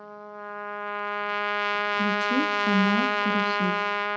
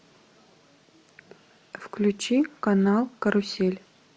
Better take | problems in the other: second | background sound (Trumpet); 4 dB above the speech // room echo; dies away in 0.8 s

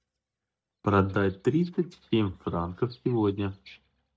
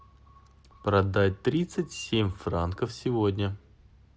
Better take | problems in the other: second | noise reduction (neural mask model DeepFilterNet 3)

